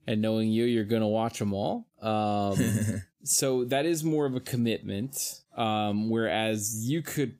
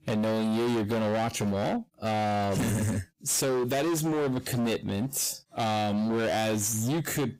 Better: first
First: none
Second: distortion; heavy; 35% of the sound clipped

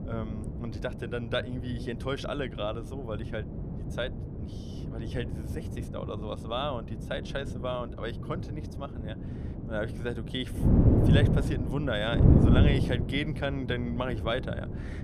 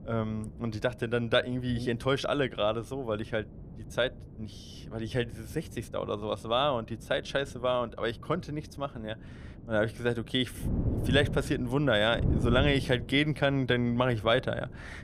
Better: second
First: wind noise on the microphone; heavy; 4 dB below the speech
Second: wind noise on the microphone; occasional gusts; 20 dB below the speech

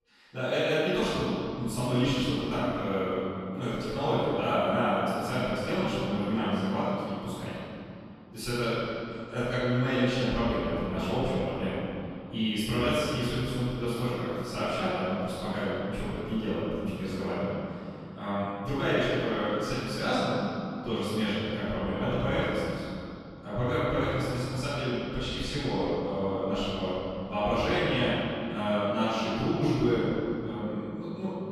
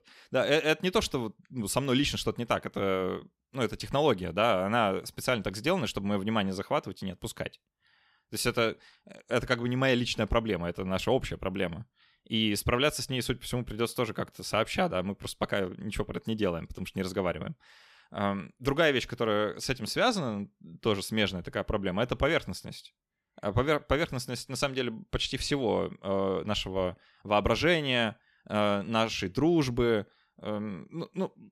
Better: second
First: off-mic speech; far // room echo; strong; dies away in 2.7 s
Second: none

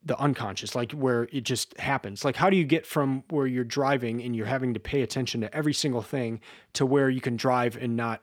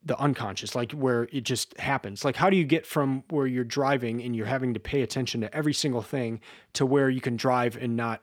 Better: neither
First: none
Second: none

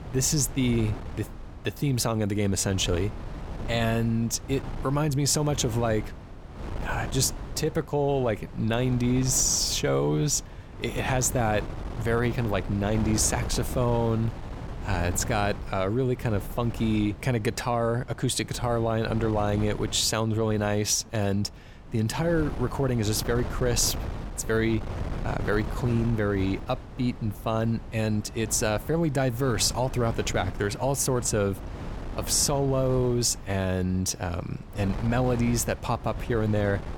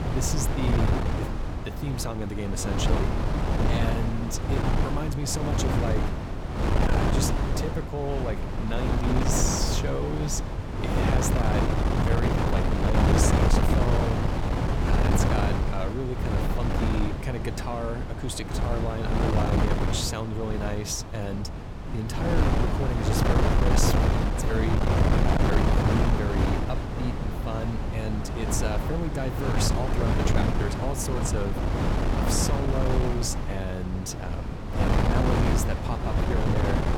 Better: first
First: wind noise on the microphone; occasional gusts; 15 dB below the speech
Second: wind noise on the microphone; heavy; 3 dB above the speech

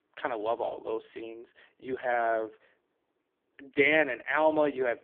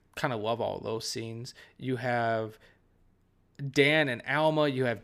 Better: second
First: phone-call audio; poor line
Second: none

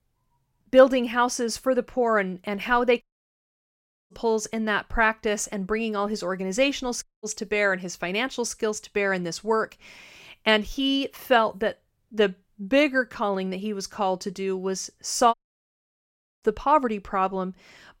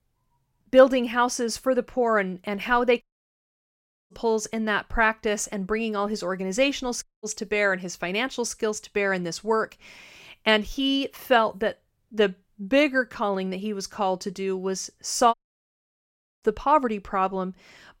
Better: neither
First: audio cutting out; at 3 s for 1 s, at 7 s and at 15 s for 1 s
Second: audio cutting out; at 3 s for 1 s, at 7 s and at 15 s for 1 s

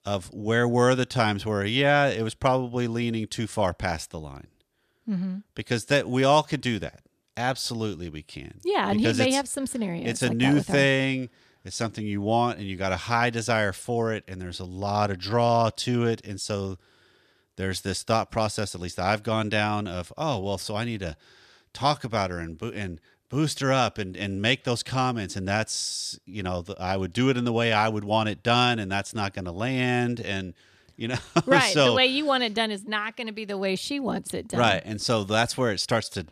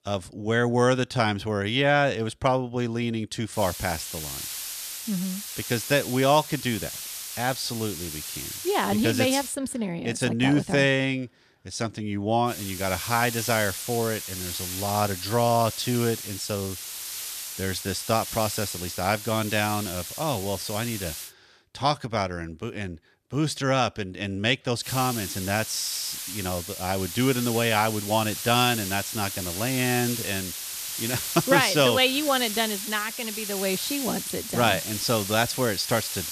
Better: first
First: none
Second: hiss; loud; from 3.5 to 9.5 s, from 13 to 21 s and from 25 s on; 6 dB below the speech

